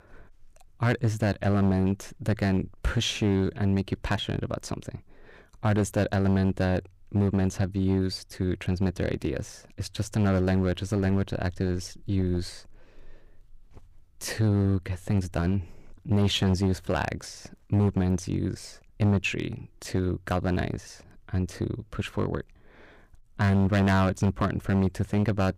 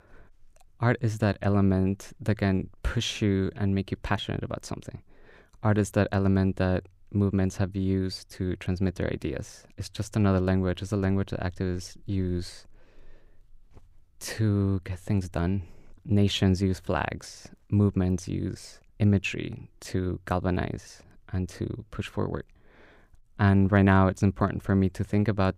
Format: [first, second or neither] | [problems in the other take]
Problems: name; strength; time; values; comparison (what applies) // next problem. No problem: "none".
second | distortion; slight; 6% of the sound clipped